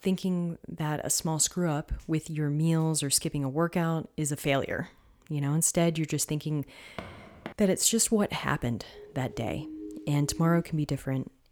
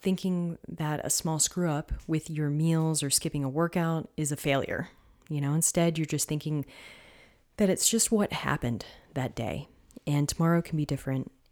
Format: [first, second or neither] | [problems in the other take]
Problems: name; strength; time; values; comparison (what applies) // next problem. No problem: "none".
second | footsteps; faint; at 7 s; peak 15 dB below the speech // siren; faint; from 9 to 11 s; peak 10 dB below the speech